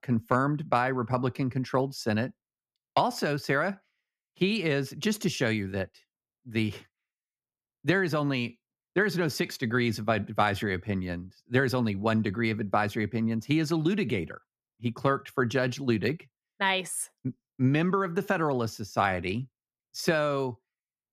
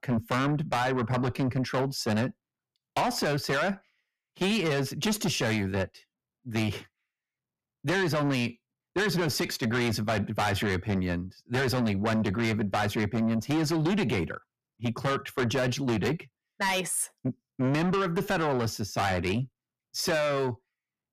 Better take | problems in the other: first | distortion; heavy; 6 dB below the speech

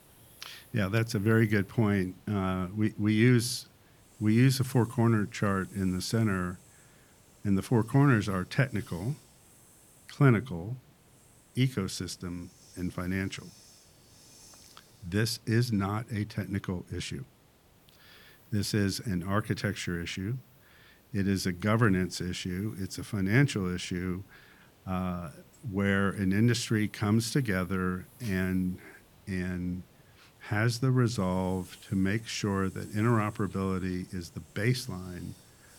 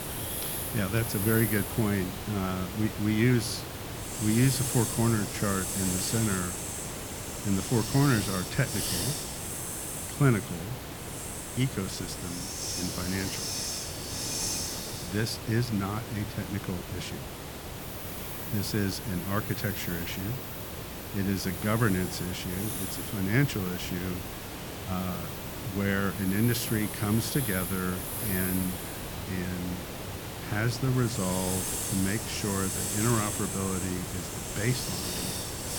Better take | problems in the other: first | hiss; loud; throughout; 3 dB below the speech; faint in the first

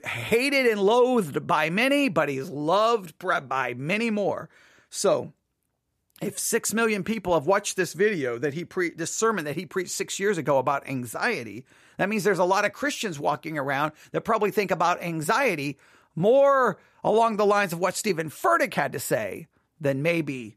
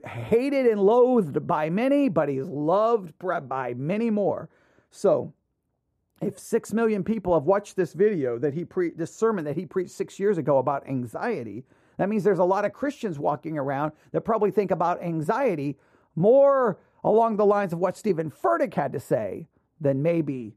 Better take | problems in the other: first | muffled; slightly; fading above 1.5 kHz

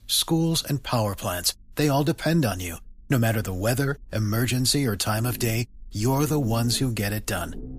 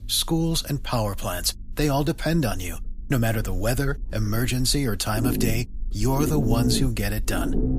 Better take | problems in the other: first | low rumble; loud; throughout; 6 dB below the speech; faint in the first

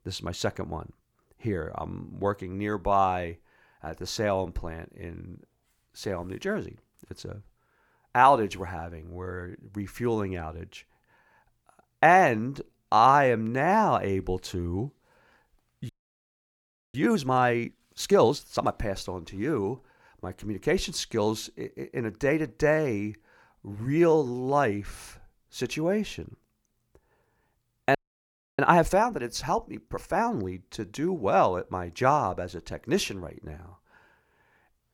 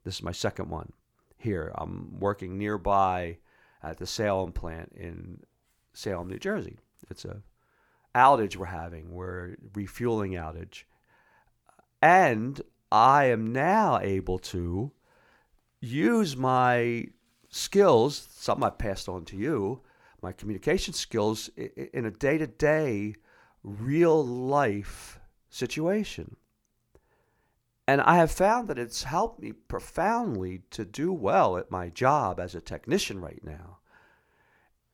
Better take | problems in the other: second | audio freezing; at 16 s for 1 s and at 28 s for 0.5 s

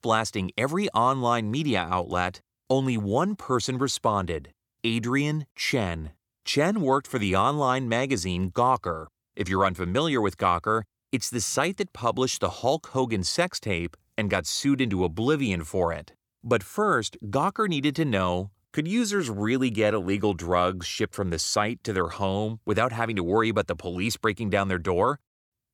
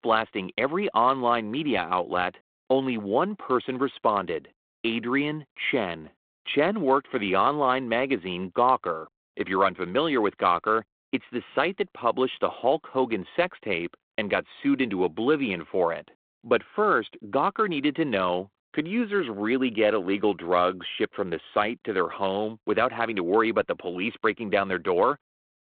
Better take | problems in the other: first | phone-call audio; nothing above 3.5 kHz

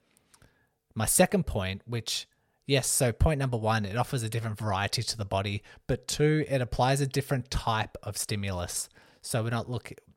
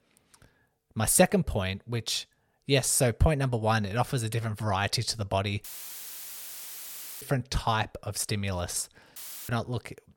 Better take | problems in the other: first | audio cutting out; filled with static; at 5.5 s for 1.5 s and at 9 s

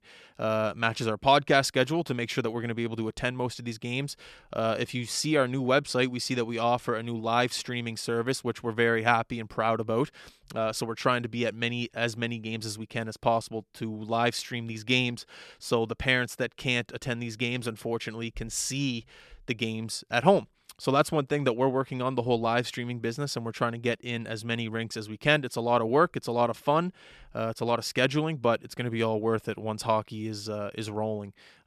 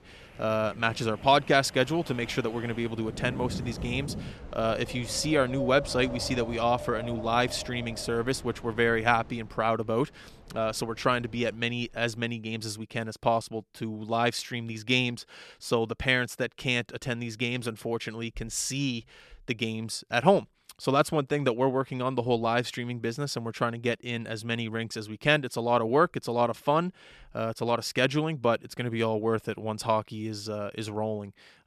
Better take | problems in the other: first | wind in the background; noticeable; until 12 s; 10 dB below the speech

